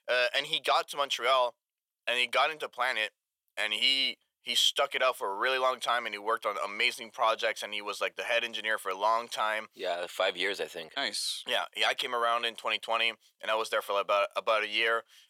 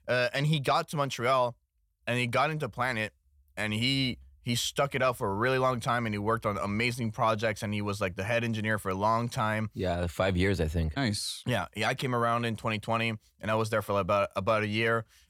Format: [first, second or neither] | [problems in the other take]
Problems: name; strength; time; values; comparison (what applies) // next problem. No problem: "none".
second | thin; very; fading below 450 Hz